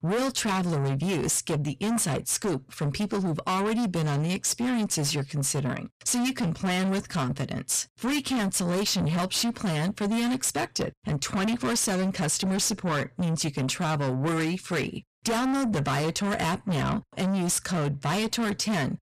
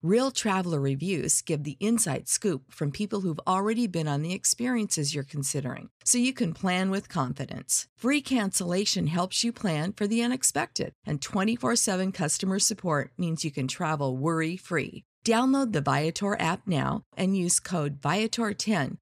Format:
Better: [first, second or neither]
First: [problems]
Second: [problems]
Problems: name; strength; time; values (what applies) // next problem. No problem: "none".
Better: second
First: distortion; heavy; 6 dB below the speech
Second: none